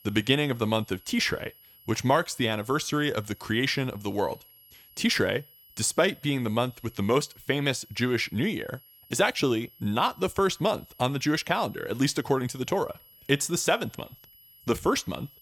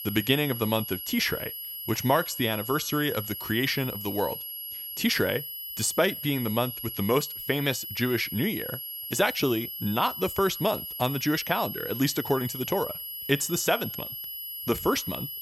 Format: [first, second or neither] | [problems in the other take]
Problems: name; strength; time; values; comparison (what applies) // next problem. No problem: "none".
first | high-pitched whine; loud; throughout; 11.5 kHz, 7 dB below the speech; faint in the first